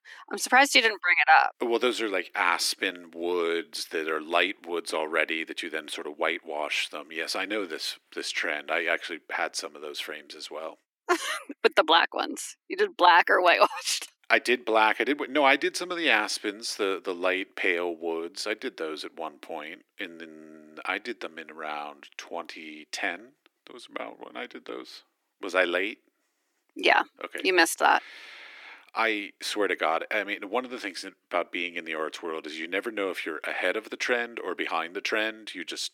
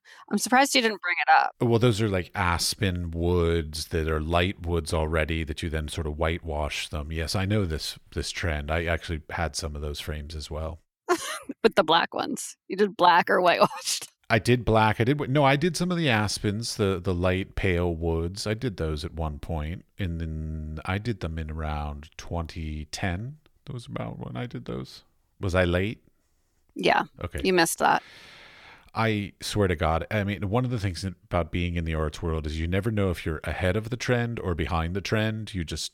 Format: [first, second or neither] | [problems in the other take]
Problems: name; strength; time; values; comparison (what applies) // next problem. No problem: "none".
second | thin; somewhat; fading below 300 Hz